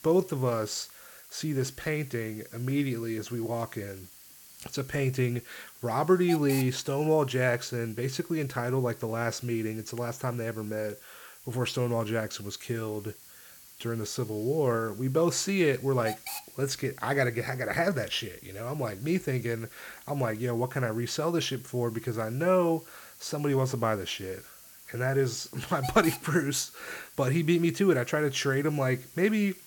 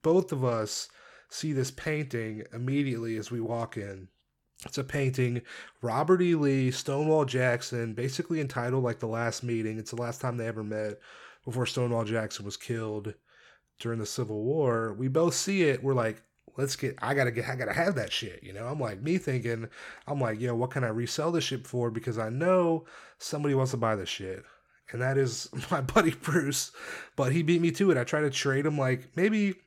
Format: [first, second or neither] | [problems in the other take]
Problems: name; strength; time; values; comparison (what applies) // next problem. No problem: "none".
second | hiss; noticeable; throughout; 15 dB below the speech